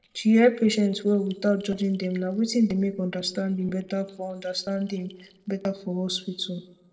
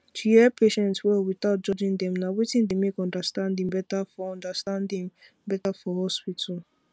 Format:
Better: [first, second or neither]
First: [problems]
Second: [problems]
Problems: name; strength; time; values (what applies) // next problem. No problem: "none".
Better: second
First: noise reduction (neural separator model SepFormer DNS4)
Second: none